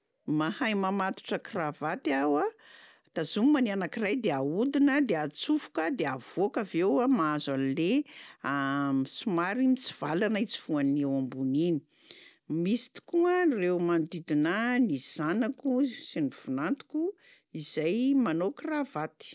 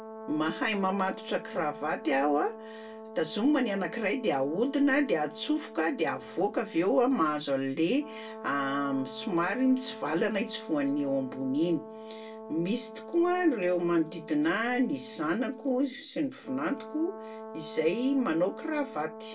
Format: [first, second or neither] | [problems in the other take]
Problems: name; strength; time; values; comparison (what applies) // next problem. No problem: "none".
first | background sound (Brass instrument); 14 dB below the speech // room echo; dies away in 0.2 s